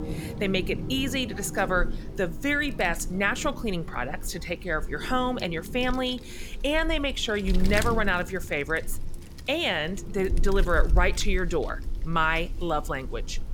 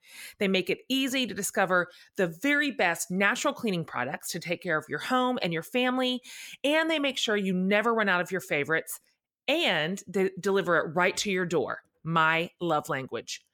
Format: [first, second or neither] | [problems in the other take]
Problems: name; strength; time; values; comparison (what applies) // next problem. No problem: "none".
second | wind noise on the microphone; occasional gusts; 15 dB below the speech